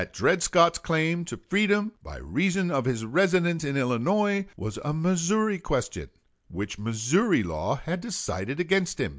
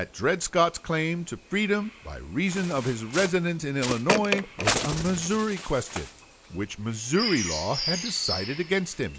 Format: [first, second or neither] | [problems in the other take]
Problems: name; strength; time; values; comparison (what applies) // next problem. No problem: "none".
first | background sound (Bird); 6 dB below the speech